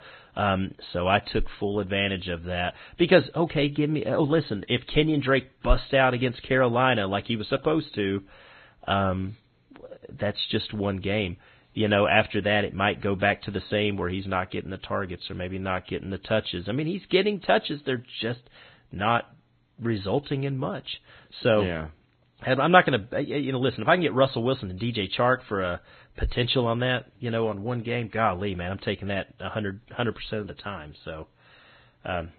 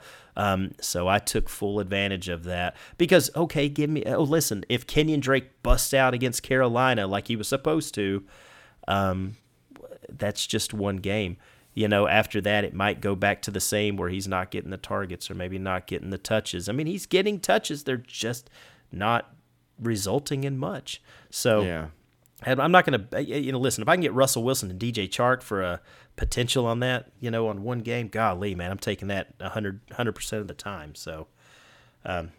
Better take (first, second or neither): second